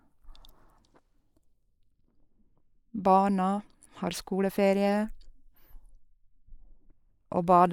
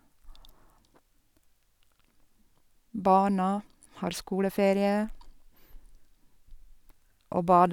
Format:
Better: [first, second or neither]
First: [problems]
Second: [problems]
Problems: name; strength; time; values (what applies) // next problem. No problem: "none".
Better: second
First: noise reduction (neural mask model Resemble Enhance denoiser)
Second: none